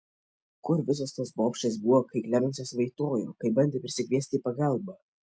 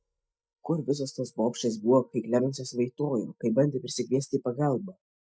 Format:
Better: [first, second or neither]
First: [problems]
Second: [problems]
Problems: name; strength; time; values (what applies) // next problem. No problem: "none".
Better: first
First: none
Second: noise reduction (neural mask model DeepFilterNet 3)